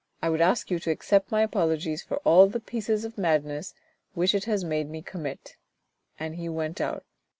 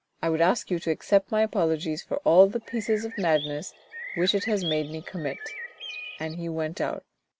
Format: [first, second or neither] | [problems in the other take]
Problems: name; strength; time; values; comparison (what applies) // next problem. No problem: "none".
first | background sound (Bird); 12 dB below the speech